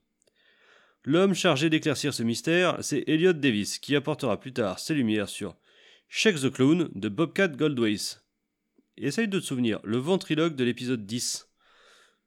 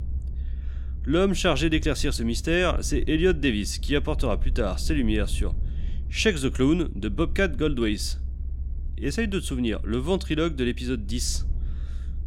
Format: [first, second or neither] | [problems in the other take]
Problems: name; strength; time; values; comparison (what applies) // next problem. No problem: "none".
first | low rumble; faint; throughout; 25 dB below the speech